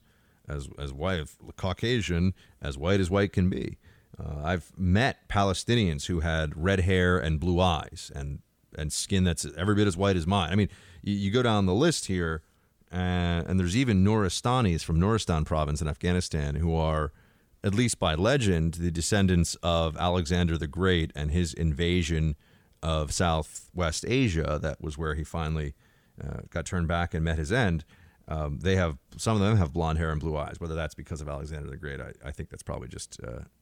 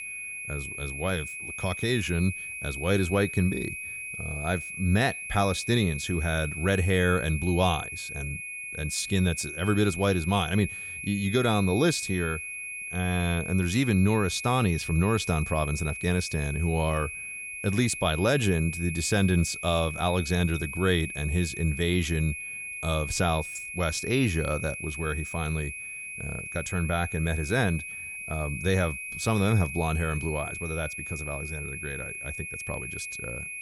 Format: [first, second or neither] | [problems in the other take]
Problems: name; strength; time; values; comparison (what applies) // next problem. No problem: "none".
first | high-pitched whine; loud; throughout; 2.5 kHz, 7 dB below the speech